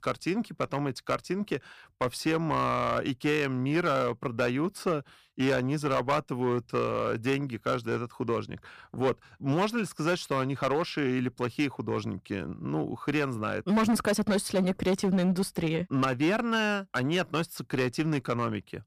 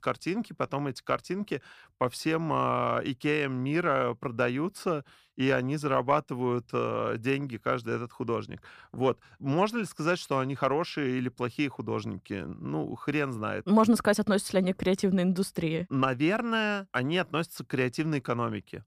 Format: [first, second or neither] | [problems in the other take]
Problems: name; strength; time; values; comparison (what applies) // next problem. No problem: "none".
second | distortion; slight; 6% of the sound clipped